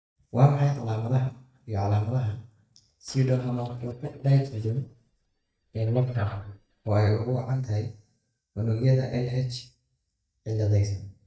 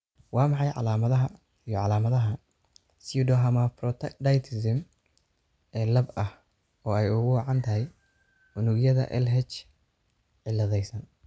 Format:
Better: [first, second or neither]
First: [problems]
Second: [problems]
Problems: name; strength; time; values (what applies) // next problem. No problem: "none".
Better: second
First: noise reduction (neural mask model DeepFilterNet 3)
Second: none